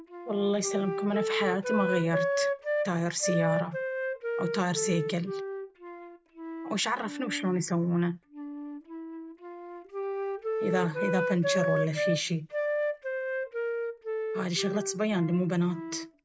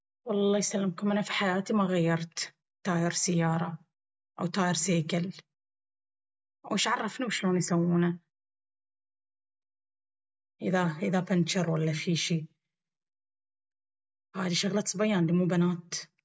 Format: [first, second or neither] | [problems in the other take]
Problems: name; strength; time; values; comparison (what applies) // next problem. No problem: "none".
second | background sound (Wind instrument, woodwind instrument); 1 dB below the speech